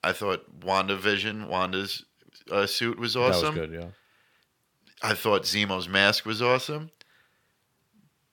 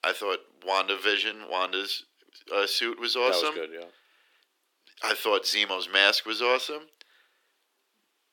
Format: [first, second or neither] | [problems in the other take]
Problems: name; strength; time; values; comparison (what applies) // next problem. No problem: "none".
first | thin; somewhat; fading below 300 Hz